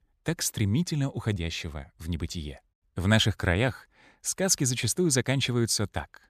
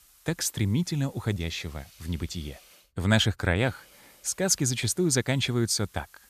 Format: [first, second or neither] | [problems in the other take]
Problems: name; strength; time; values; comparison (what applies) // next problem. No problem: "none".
first | hiss; faint; until 3 s and from 3.5 s on; 25 dB below the speech